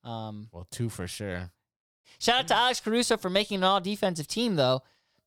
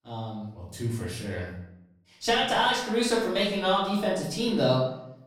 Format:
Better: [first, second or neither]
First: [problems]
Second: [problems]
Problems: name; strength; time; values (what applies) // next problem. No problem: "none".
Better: first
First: none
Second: off-mic speech; far // room echo; noticeable; dies away in 0.6 s